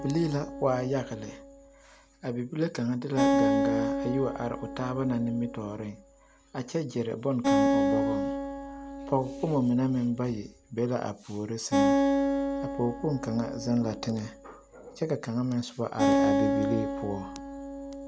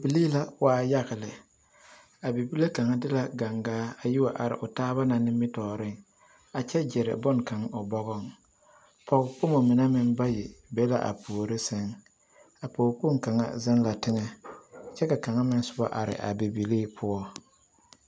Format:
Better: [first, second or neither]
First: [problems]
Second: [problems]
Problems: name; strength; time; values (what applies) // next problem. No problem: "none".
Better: second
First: background sound (Acoustic guitar); 1 dB above the speech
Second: none